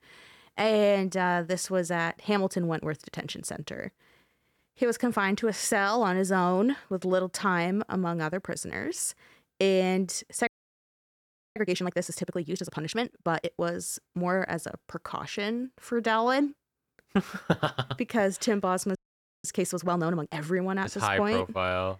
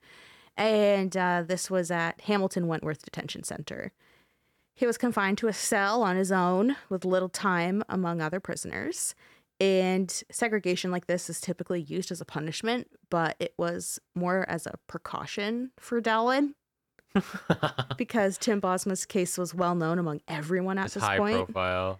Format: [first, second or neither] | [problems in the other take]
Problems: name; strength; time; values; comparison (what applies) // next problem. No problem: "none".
second | audio freezing; at 10 s for 1 s and at 19 s